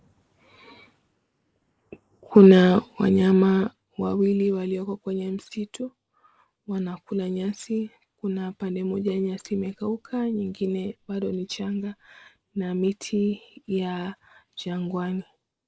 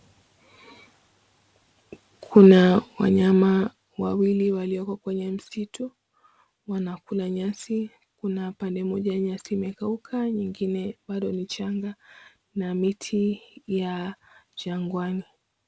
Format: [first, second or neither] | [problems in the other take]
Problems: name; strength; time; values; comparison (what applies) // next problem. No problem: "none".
second | noise reduction (neural mask model Resemble Enhance denoiser)